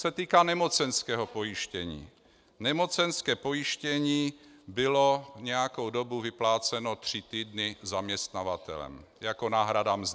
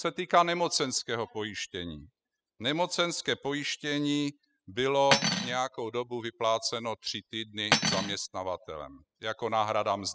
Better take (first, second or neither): first